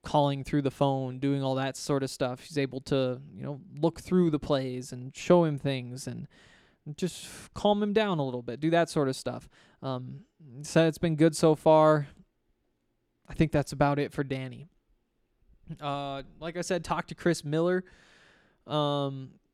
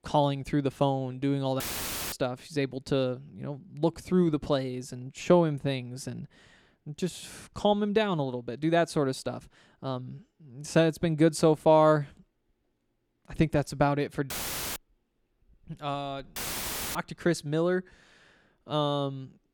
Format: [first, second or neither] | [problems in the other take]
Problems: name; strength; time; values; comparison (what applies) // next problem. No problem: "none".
first | audio cutting out; filled with static; at 1.5 s for 0.5 s, at 14 s and at 16 s for 0.5 s